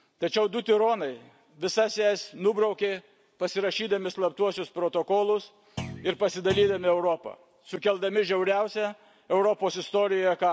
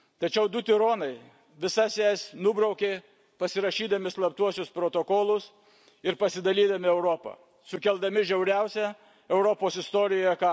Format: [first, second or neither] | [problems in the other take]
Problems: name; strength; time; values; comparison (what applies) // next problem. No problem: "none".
second | background sound (Thump, thud); 12 dB below the speech